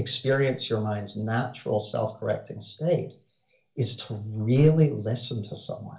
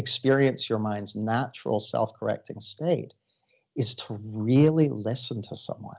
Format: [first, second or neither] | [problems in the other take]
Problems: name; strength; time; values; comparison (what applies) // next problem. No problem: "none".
second | room echo; dies away in 0.3 s